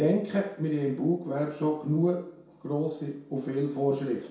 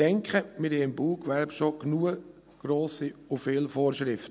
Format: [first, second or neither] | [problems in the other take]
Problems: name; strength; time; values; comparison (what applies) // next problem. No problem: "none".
second | room echo; dies away in 0.6 s